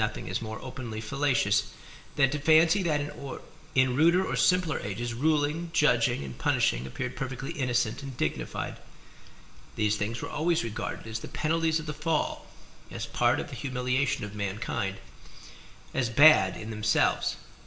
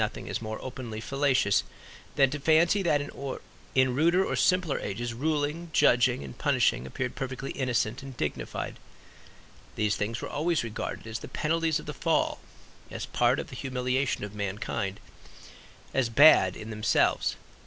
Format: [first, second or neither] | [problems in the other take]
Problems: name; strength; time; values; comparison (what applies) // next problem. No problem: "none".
second | room echo; dies away in 0.9 s